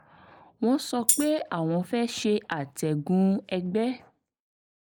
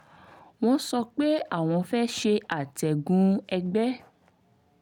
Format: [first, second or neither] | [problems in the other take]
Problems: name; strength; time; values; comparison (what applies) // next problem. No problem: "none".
second | noise reduction (neural mask model Resemble Enhance denoiser)